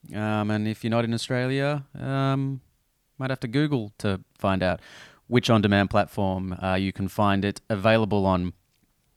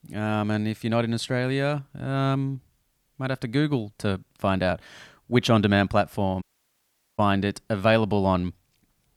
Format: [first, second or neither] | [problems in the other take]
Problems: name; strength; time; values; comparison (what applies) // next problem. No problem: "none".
first | audio cutting out; at 6.5 s for 1 s